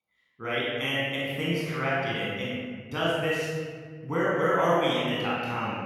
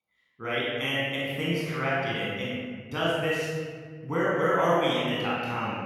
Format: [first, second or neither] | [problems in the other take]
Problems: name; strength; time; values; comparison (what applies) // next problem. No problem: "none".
neither | off-mic speech; far; the same in both // room echo; strong; dies away in 1.7 s; the same in both